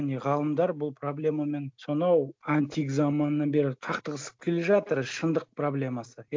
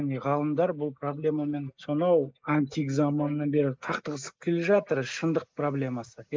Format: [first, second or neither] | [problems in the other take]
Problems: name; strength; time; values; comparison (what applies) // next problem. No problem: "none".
first | noise reduction (neural mask model Resemble Enhance denoiser)